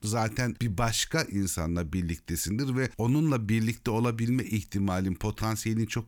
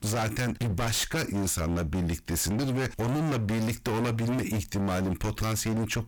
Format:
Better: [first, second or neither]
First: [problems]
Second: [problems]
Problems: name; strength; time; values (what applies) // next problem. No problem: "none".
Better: first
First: none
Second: distortion; heavy; 39% of the sound clipped